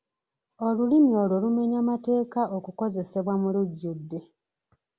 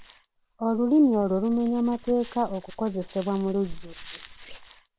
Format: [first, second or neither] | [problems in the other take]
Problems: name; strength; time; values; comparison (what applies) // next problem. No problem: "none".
first | noise reduction (neural separator model SepFormer WHAM!)